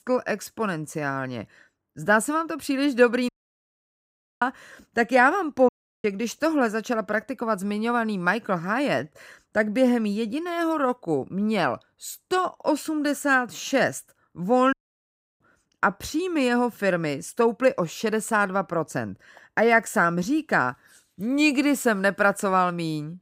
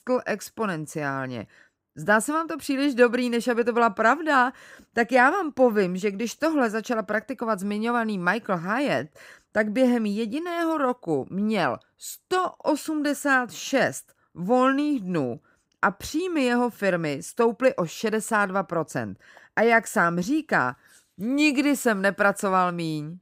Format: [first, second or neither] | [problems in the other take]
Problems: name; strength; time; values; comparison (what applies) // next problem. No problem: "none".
second | audio cutting out; at 3.5 s for 1 s, at 5.5 s and at 15 s for 0.5 s